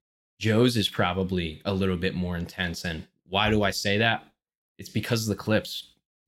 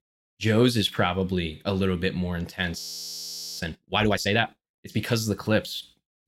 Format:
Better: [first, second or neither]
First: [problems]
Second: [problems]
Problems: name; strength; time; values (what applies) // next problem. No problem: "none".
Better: first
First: none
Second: audio freezing; at 3 s for 1 s